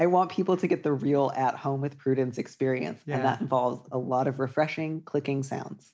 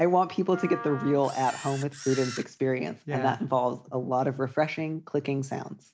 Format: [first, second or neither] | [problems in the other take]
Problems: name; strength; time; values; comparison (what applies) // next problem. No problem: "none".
first | background sound (Wind instrument, woodwind instrument + Camera); 13 dB below the speech